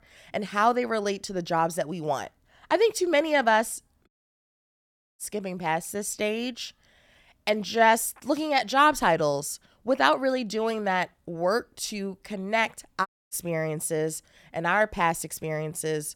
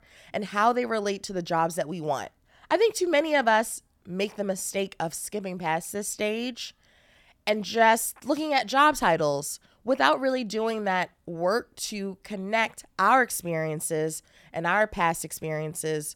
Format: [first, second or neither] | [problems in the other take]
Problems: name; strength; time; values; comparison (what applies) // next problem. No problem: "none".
second | audio cutting out; at 4 s for 1 s and at 13 s